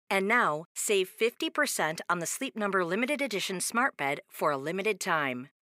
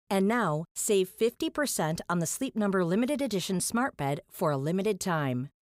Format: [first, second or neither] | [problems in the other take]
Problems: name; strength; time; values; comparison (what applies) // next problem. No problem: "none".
second | thin; somewhat; fading below 250 Hz